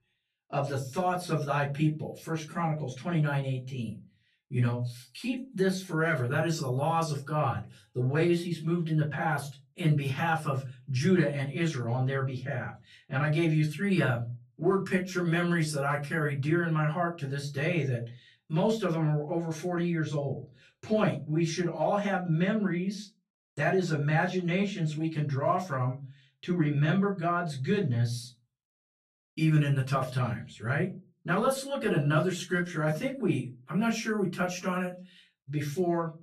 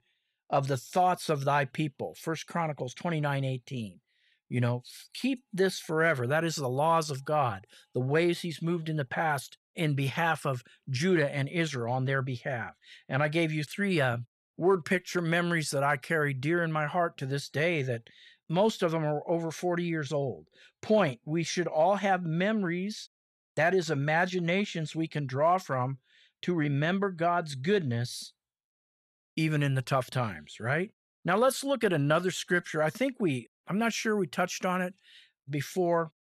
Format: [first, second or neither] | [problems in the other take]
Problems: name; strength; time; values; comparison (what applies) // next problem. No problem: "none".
second | off-mic speech; far // room echo; very slight; dies away in 0.3 s